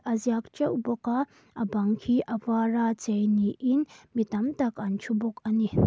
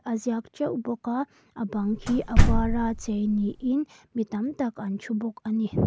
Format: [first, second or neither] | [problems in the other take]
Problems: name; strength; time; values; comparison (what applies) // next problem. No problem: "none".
first | background sound (Slam); 4 dB above the speech